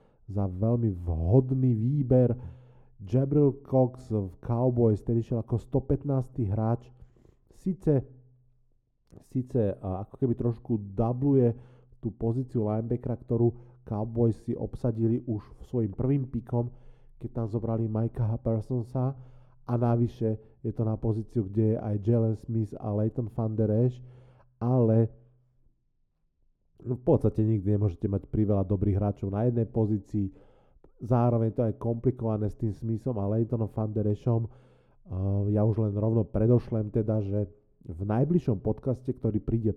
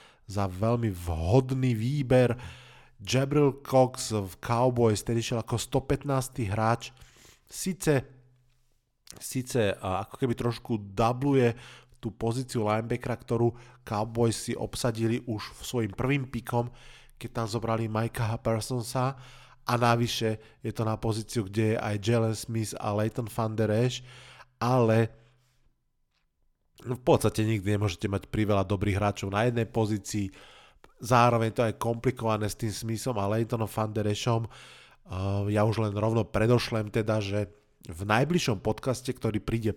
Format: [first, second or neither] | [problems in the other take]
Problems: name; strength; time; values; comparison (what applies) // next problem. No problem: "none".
second | muffled; very; fading above 1 kHz